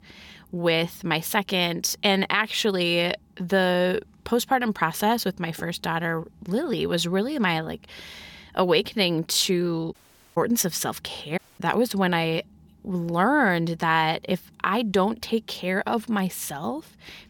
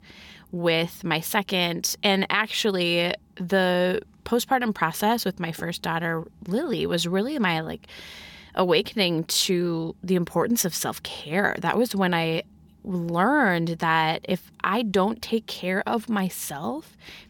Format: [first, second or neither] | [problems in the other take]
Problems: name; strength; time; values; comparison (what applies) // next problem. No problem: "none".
second | audio cutting out; at 10 s and at 11 s